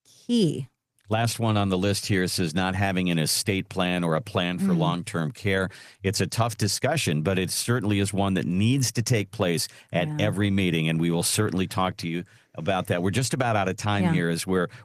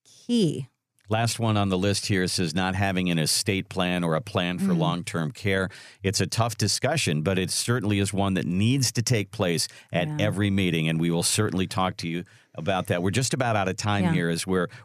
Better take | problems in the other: second | garbled, watery; slightly; nothing above 14.5 kHz

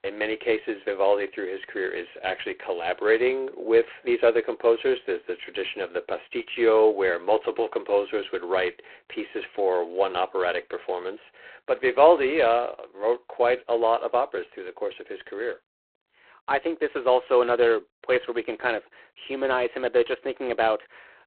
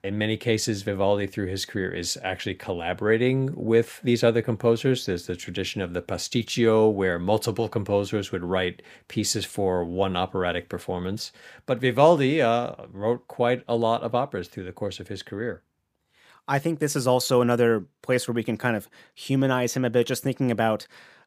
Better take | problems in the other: second | phone-call audio; poor line; nothing above 3.5 kHz

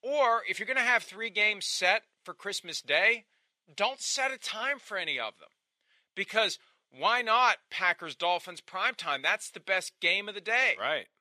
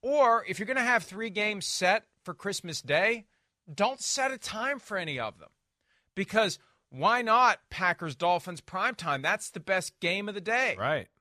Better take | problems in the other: second | thin; somewhat; fading below 350 Hz

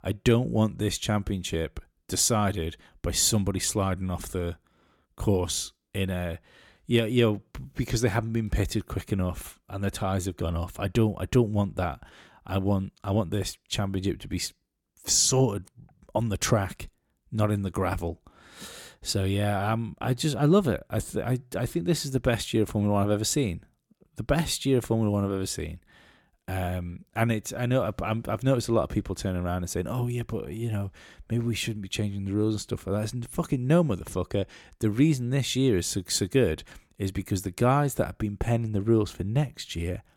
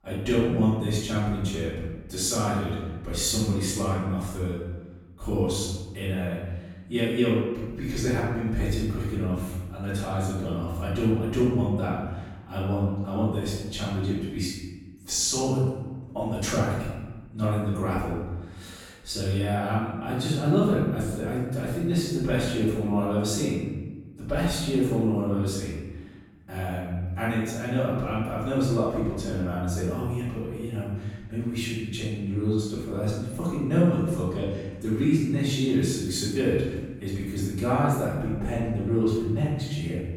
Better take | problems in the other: first | room echo; strong; dies away in 1.1 s // off-mic speech; far

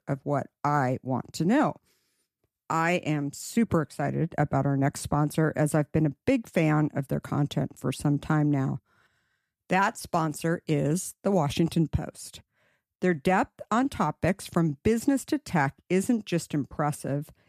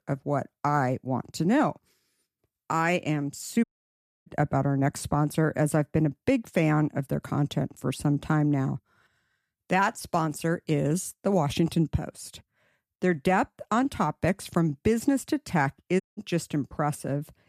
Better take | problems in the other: first | audio cutting out; at 3.5 s for 0.5 s and at 16 s

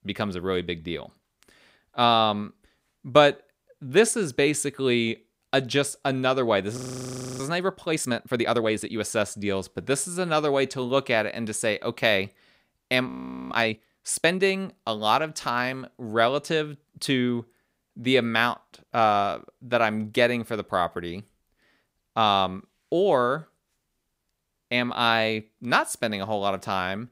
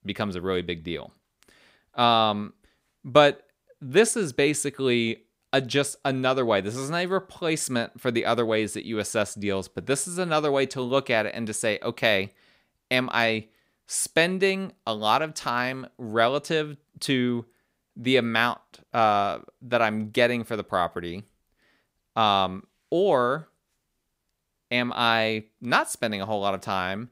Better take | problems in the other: second | audio freezing; at 7 s for 0.5 s and at 13 s

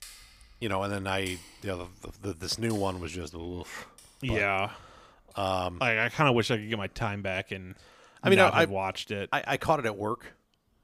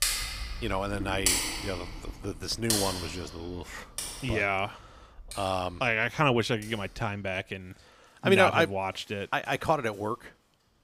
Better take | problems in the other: first | household noises; loud; throughout; 3 dB below the speech; faint in the first

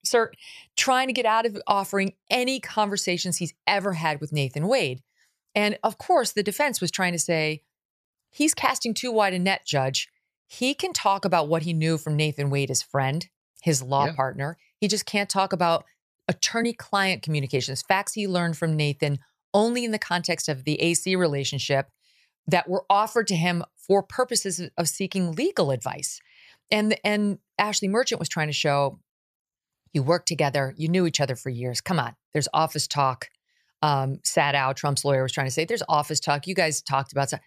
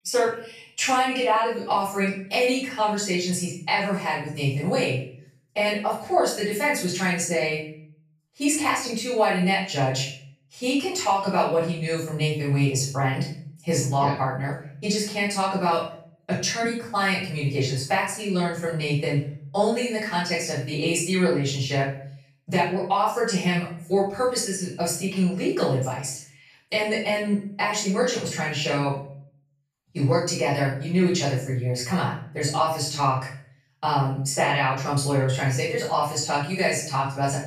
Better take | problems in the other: first | off-mic speech; far // room echo; noticeable; dies away in 0.5 s

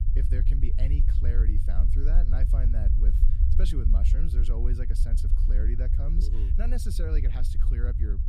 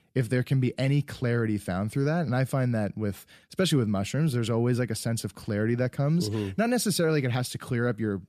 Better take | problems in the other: second | low rumble; loud; throughout; 3 dB below the speech

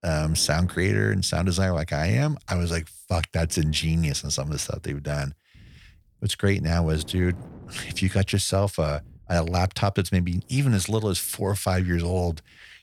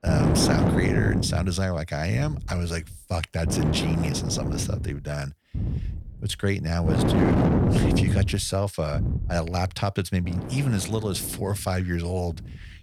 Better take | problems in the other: first | wind noise on the microphone; heavy; as loud as the speech; occasional gusts in the first

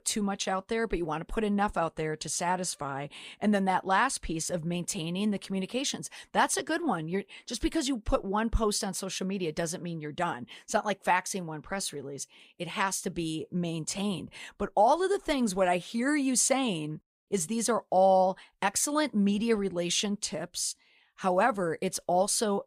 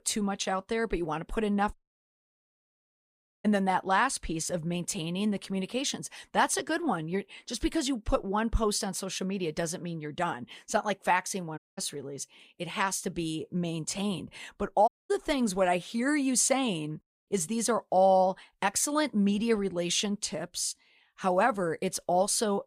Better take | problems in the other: first | audio cutting out; at 1.5 s for 1.5 s, at 12 s and at 15 s

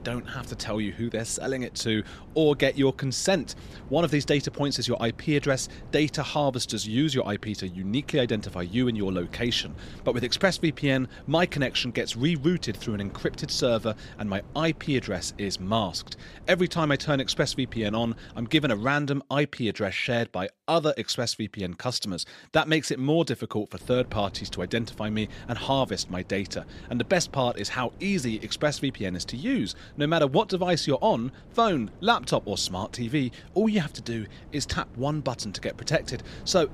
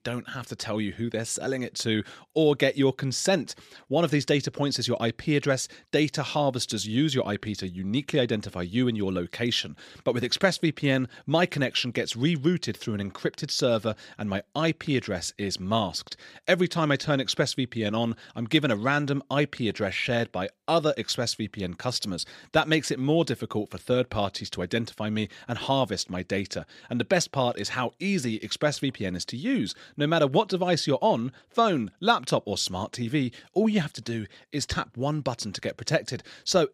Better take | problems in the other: second | wind noise on the microphone; occasional gusts; until 19 s and from 24 s on; 25 dB below the speech

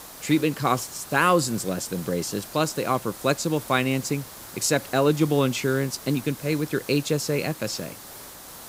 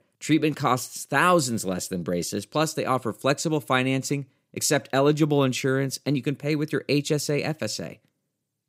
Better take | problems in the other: second | hiss; noticeable; throughout; 15 dB below the speech

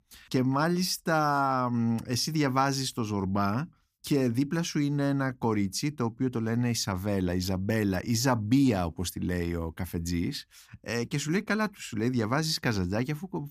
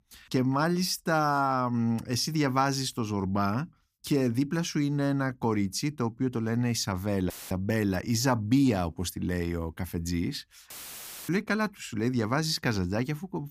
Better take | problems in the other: first | audio cutting out; filled with static; at 7.5 s and at 11 s for 0.5 s

